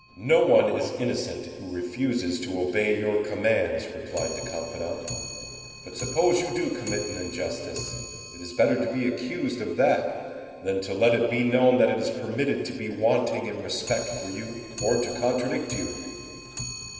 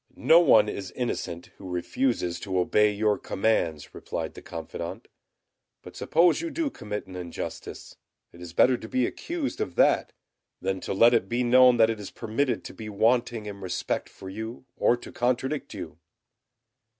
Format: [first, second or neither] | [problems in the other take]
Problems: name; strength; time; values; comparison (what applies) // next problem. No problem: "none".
second | background sound (Clock); 14 dB below the speech // room echo; dies away in 2.5 s